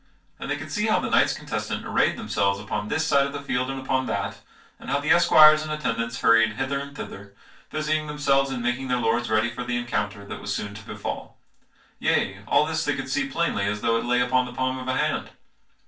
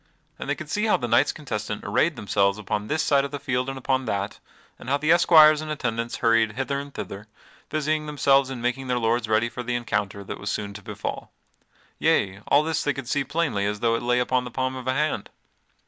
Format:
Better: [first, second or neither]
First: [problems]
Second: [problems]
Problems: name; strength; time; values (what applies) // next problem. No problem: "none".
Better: second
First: room echo; dies away in 0.2 s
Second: none